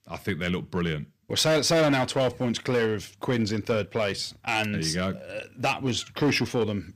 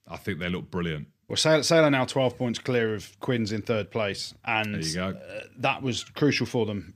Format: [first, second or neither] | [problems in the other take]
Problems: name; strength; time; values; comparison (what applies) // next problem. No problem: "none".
second | distortion; slight; 6% of the sound clipped